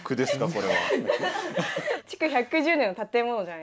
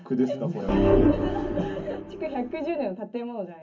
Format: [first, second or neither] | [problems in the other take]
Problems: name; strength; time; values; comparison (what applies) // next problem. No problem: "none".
first | background sound (Organ); 4 dB above the speech // room echo; dies away in 0.3 s